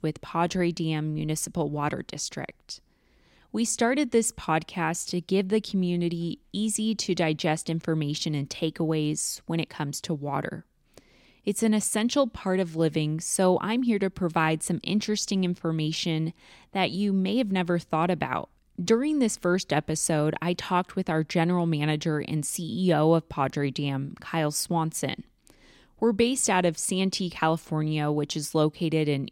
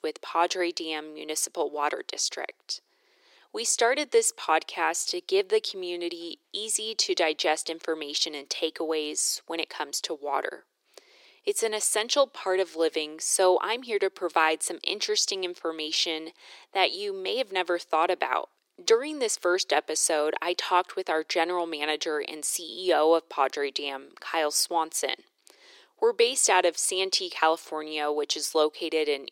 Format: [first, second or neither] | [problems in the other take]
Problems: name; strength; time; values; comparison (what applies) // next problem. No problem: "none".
first | thin; very; fading below 400 Hz